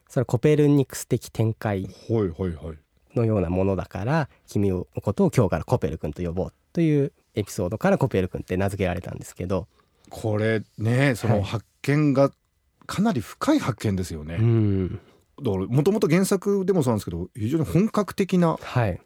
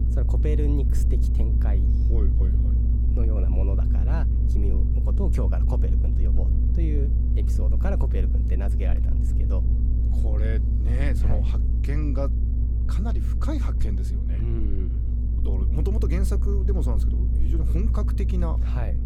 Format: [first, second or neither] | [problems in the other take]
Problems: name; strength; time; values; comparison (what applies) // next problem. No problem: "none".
first | low rumble; loud; throughout; 3 dB below the speech